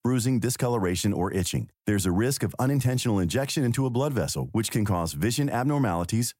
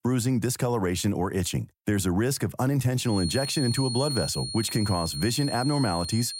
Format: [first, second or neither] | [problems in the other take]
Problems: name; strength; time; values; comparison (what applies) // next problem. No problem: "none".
first | high-pitched whine; loud; from 3 s on; 4.5 kHz, 6 dB below the speech